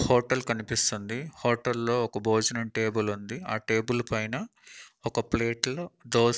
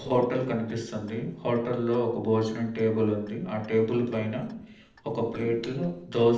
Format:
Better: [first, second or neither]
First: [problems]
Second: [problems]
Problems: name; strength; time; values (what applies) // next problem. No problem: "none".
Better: first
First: none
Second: noise reduction (neural separator model SepFormer DNS4)